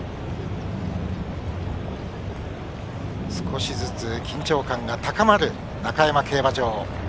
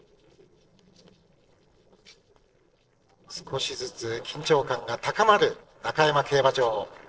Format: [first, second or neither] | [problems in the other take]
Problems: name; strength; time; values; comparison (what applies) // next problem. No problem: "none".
first | noise reduction (neural separator model SepFormer DNS4)